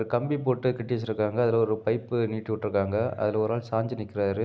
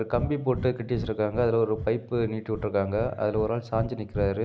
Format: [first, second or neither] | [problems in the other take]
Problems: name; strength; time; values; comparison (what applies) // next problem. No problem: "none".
first | background sound (Breathing); 10 dB below the speech